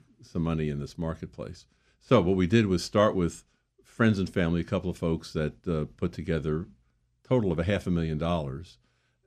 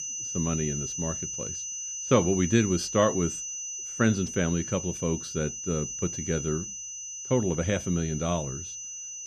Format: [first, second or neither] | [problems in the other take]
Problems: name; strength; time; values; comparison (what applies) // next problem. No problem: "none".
first | high-pitched whine; loud; throughout; 6 kHz, 5 dB below the speech